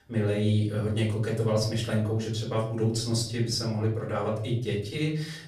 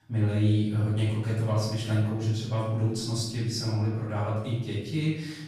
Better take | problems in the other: first | room echo; strong; dies away in 0.9 s; slight in the first // off-mic speech; far; far in the first

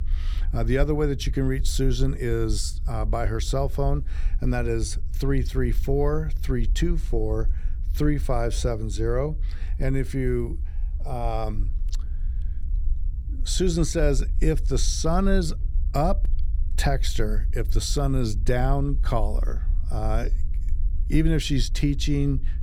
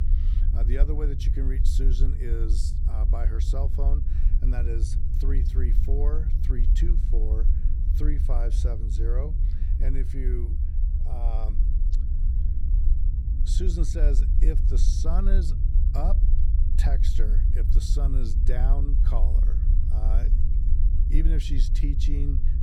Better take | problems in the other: first | low rumble; loud; throughout; 6 dB below the speech; faint in the first

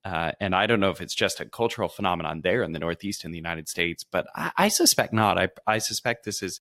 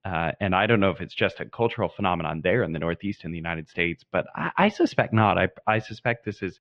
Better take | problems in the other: first | muffled; very; fading above 2.5 kHz

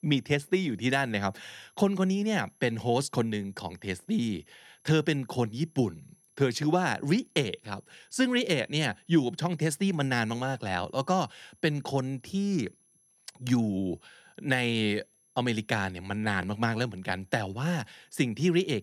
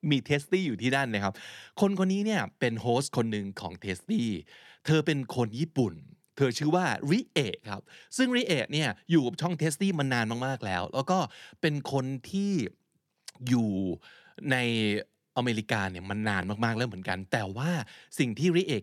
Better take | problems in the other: second | high-pitched whine; faint; throughout; 11 kHz, 35 dB below the speech

